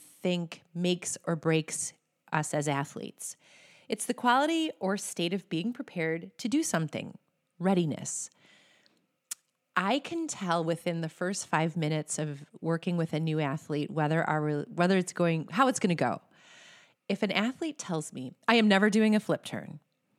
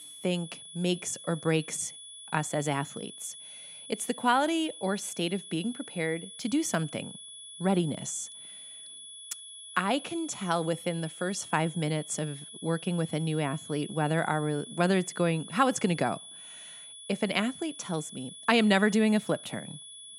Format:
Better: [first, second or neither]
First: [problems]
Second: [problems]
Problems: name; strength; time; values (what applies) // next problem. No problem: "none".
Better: first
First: none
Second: high-pitched whine; noticeable; throughout; 3.5 kHz, 15 dB below the speech